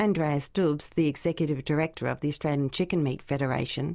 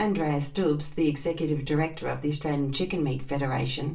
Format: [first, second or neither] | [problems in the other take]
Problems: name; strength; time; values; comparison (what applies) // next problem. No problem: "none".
first | room echo; dies away in 0.3 s